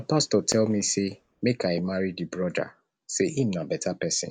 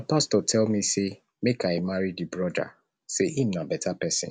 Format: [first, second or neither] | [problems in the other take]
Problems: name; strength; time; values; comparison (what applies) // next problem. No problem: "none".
second | background sound (Fireworks); 19 dB below the speech